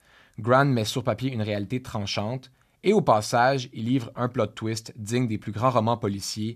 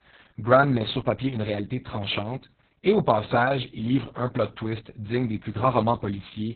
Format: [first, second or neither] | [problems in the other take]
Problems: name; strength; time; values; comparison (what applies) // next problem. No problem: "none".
first | garbled, watery; badly; nothing above 4 kHz